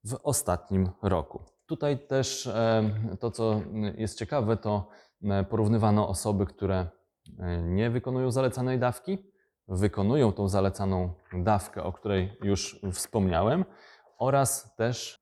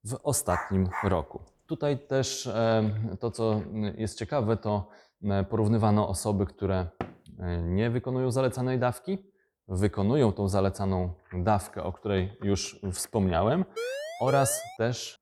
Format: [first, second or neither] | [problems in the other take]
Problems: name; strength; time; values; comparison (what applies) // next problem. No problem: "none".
first | dog barking; noticeable; at 0.5 s; peak 7 dB below the speech // door banging; faint; at 7 s; peak 10 dB below the speech // siren; noticeable; from 14 s on; peak 5 dB below the speech